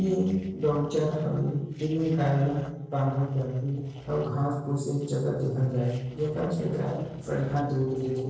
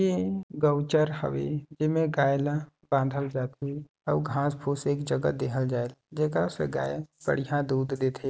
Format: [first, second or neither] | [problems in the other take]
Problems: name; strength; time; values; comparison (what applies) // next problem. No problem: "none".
second | noise reduction (neural separator model SepFormer DNS4)